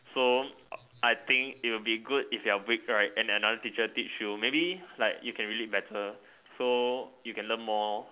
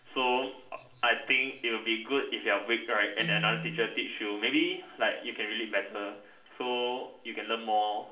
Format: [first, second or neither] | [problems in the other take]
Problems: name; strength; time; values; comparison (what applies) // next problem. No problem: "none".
first | background sound (Guitar); 10 dB below the speech // room echo; dies away in 0.5 s